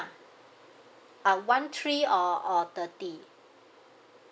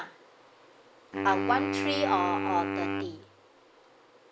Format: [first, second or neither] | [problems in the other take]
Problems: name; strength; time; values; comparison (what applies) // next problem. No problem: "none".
first | background sound (Wind instrument, woodwind instrument); 1 dB below the speech